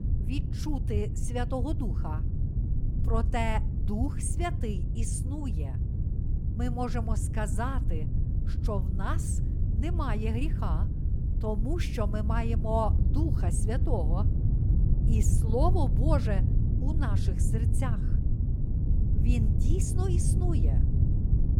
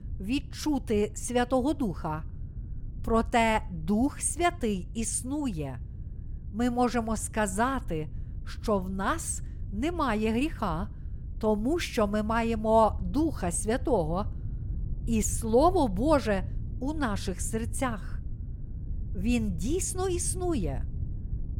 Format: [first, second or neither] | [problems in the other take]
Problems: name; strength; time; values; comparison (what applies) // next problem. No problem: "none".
second | low rumble; loud; throughout; 7 dB below the speech; faint in the second